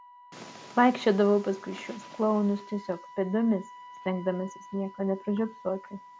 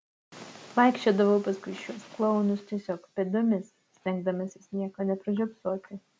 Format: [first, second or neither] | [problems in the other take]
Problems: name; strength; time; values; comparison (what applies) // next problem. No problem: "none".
second | background sound (Wind instrument, woodwind instrument); 20 dB below the speech